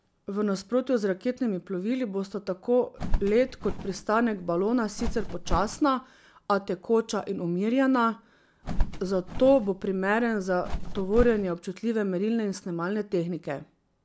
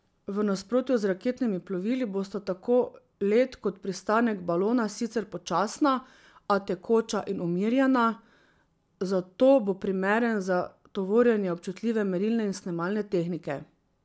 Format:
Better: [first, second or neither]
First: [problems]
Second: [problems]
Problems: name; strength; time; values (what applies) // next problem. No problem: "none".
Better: second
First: background sound (Bird); 3 dB below the speech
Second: none